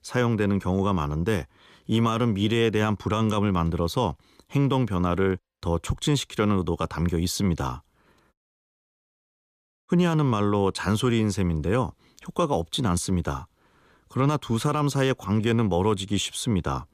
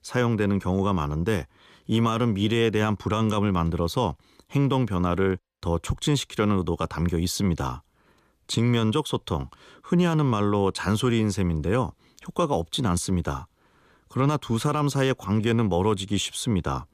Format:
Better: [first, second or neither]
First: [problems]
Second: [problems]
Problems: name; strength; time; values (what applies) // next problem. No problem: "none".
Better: second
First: audio cutting out; at 8.5 s for 1.5 s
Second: none